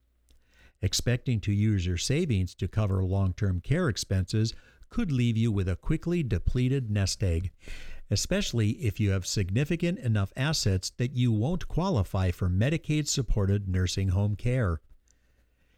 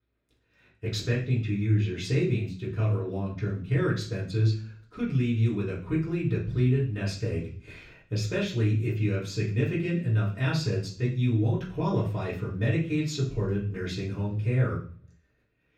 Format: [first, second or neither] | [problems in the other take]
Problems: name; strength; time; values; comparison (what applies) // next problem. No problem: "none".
first | room echo; slight; dies away in 0.5 s // off-mic speech; far